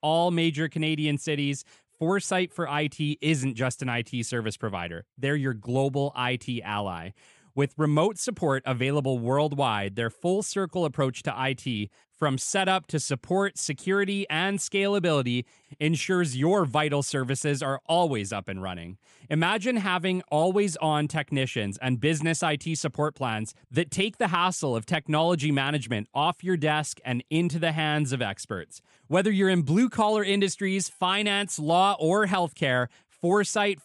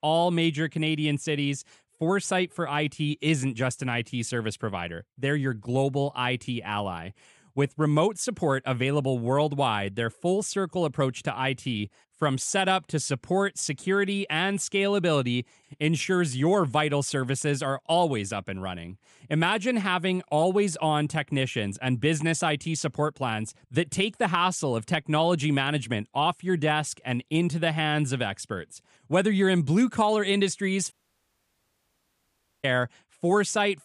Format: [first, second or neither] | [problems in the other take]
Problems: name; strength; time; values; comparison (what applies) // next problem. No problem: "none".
first | audio cutting out; at 31 s for 1.5 s